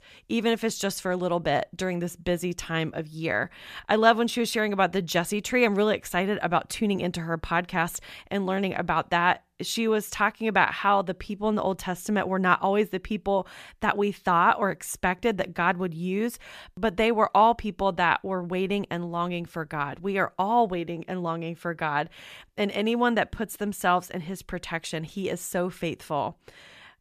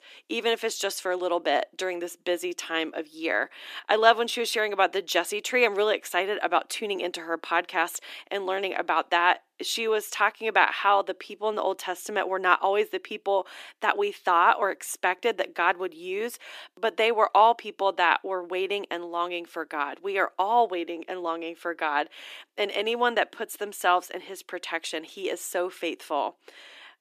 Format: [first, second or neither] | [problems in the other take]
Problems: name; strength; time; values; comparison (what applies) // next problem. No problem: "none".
first | thin; very; fading below 300 Hz